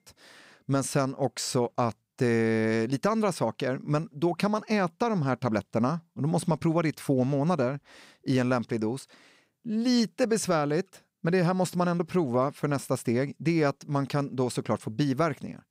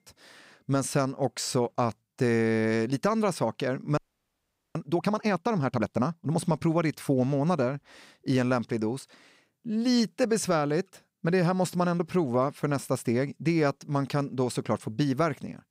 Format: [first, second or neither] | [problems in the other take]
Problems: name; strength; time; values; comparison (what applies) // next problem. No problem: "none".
first | audio freezing; at 4 s for 1 s